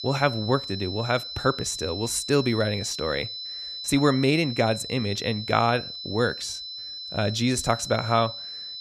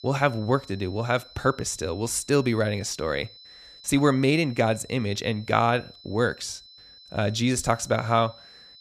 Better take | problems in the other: second | high-pitched whine; loud; throughout; 4 kHz, 8 dB below the speech; faint in the second

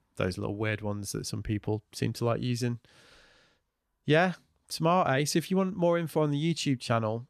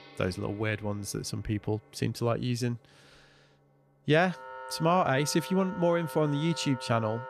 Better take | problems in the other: first | background music; noticeable; throughout; 15 dB below the speech

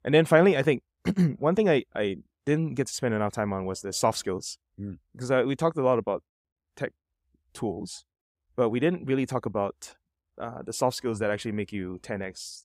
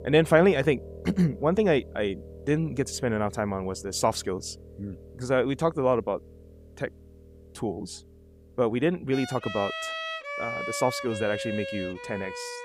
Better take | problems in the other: first | background music; noticeable; throughout; 10 dB below the speech

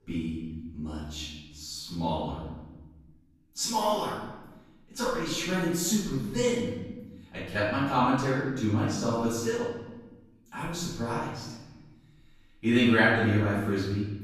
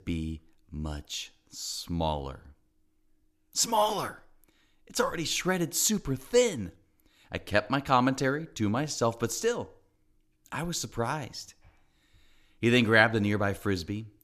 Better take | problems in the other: second | off-mic speech; far // room echo; strong; dies away in 1.2 s

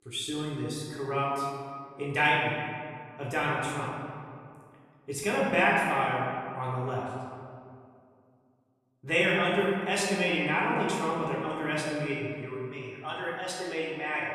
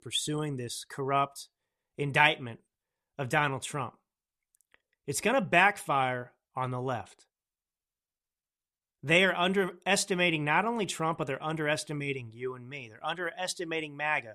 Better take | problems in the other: second | off-mic speech; far // room echo; noticeable; dies away in 2 s

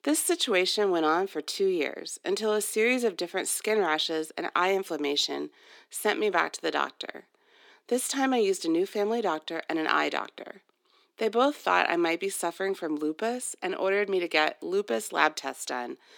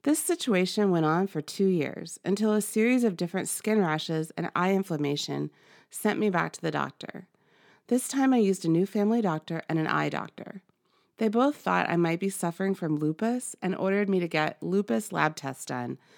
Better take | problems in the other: second | thin; somewhat; fading below 300 Hz

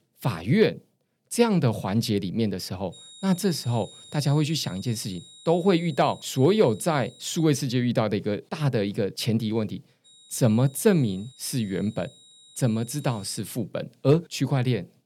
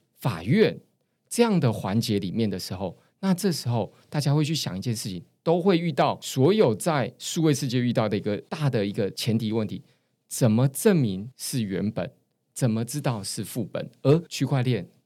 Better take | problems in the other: second | high-pitched whine; faint; from 3 to 7.5 s and from 10 to 13 s; 4 kHz, 20 dB below the speech

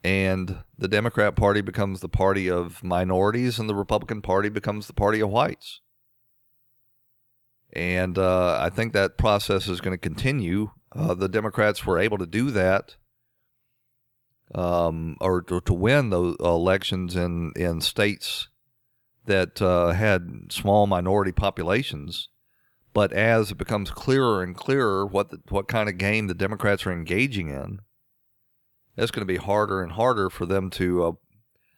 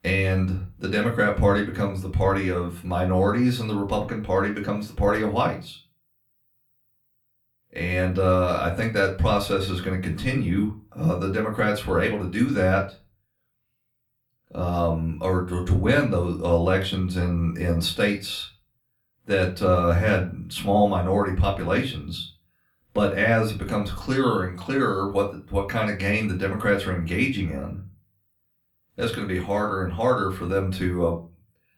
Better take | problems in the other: first | off-mic speech; far // room echo; very slight; dies away in 0.3 s

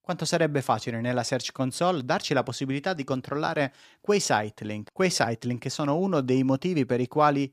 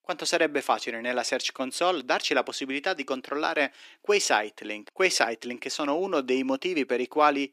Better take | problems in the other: first | thin; very slightly; fading below 300 Hz

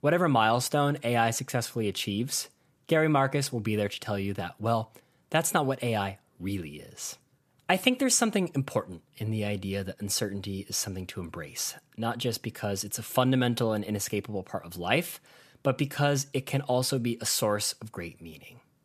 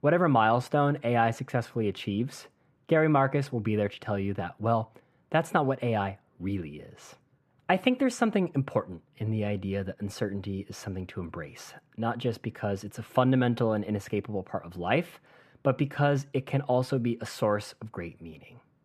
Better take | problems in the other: first | muffled; very; fading above 3.5 kHz

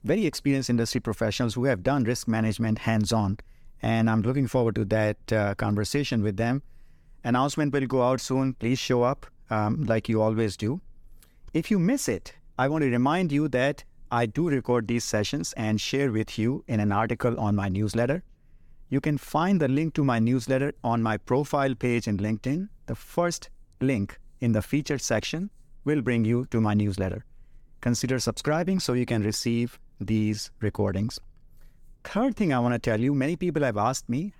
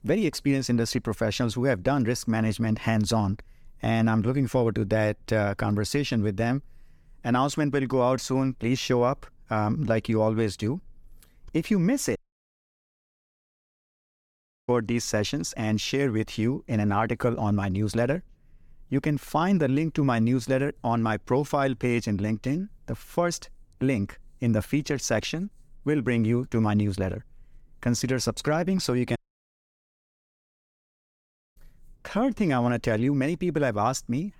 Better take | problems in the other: first | audio cutting out; at 12 s for 2.5 s and at 29 s for 2.5 s

